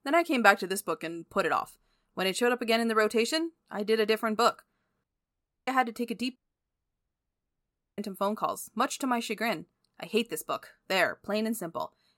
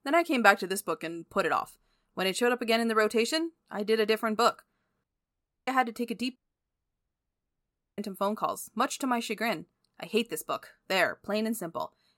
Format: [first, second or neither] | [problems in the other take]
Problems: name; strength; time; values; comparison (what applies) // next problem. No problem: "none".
neither | audio cutting out; at 5 s for 0.5 s and at 6.5 s for 1.5 s; the same in both